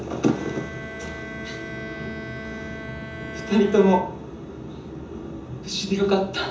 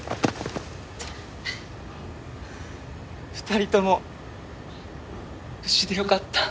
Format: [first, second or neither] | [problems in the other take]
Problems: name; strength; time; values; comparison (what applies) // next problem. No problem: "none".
second | background sound (Bowed string instrument); 13 dB below the speech // room echo; dies away in 0.6 s